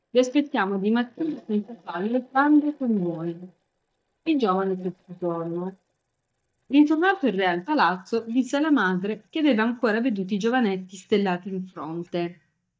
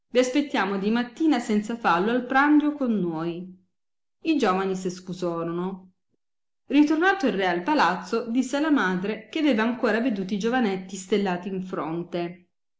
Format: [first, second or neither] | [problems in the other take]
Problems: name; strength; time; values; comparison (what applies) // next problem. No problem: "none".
second | noise reduction (neural mask model DeepFilterNet 3)